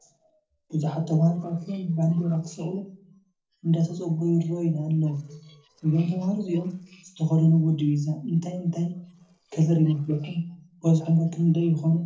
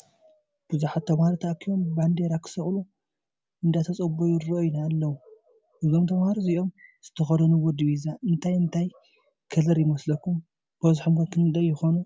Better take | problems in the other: second | noise reduction (neural separator model SepFormer DNS4)

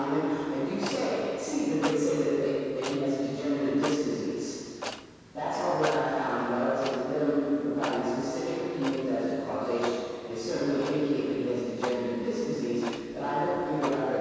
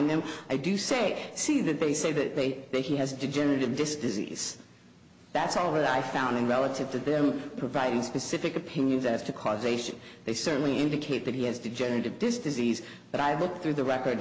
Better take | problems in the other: second | background sound (Clock); 13 dB below the speech // room echo; dies away in 2.2 s

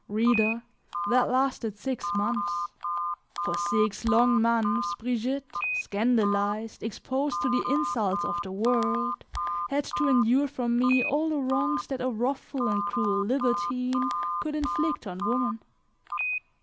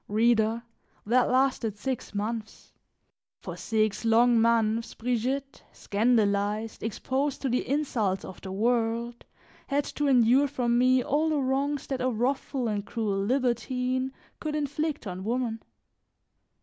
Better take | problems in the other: second | background sound (Telephone); 4 dB below the speech

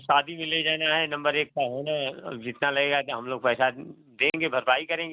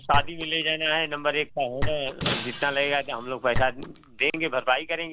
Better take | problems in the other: first | background sound (Shatter + Chink, clink); 5 dB below the speech

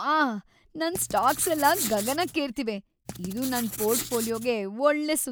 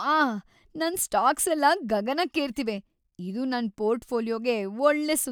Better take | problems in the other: second | background sound (Writing); 8 dB below the speech

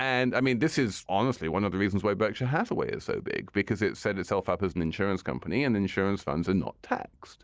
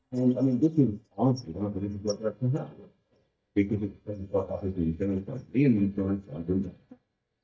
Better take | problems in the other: first | noise reduction (neural mask model DeepFilterNet 3)

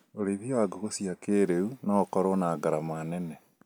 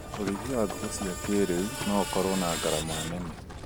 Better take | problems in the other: first | background sound (Livestock, farm animals, working animals + Screech); 5 dB below the speech

